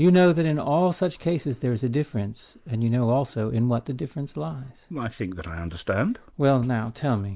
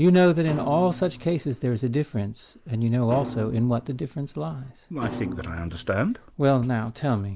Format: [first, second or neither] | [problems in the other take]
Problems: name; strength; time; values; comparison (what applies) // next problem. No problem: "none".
first | background sound (Thump, thud); 13 dB below the speech